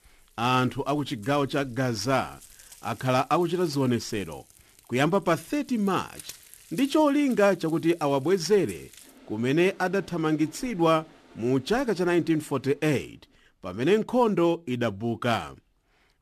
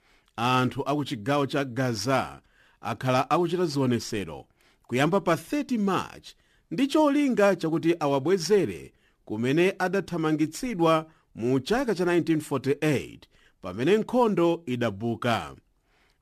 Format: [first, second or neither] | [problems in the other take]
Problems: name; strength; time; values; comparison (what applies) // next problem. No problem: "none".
second | household noises; faint; throughout; 25 dB below the speech